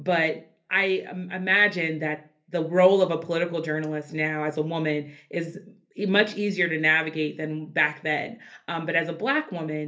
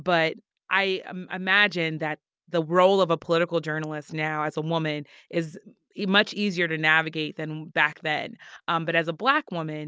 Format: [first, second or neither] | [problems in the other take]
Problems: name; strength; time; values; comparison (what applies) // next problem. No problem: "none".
second | room echo; dies away in 0.3 s